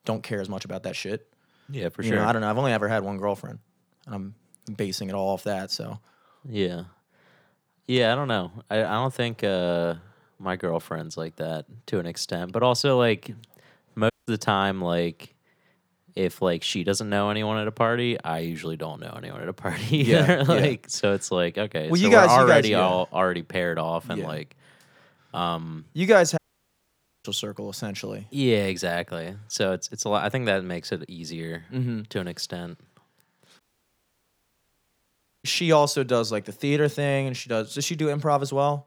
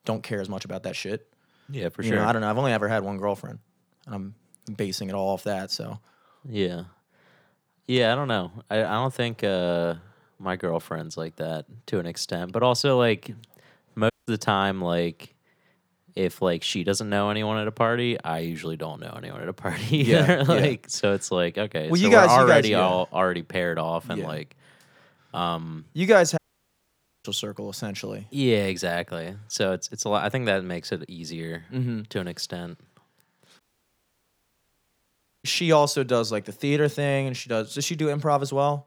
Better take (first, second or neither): neither